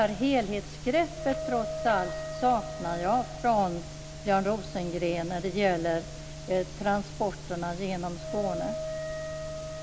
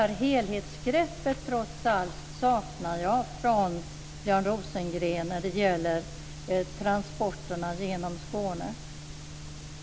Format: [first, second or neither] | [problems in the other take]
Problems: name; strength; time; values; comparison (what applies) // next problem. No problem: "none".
second | background sound (Wind instrument, woodwind instrument); 11 dB below the speech